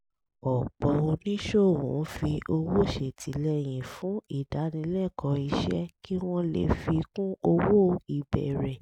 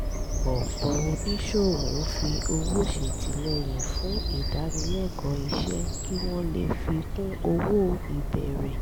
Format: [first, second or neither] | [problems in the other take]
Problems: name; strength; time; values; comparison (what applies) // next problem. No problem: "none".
first | background sound (Bird vocalization, bird call, bird song); as loud as the speech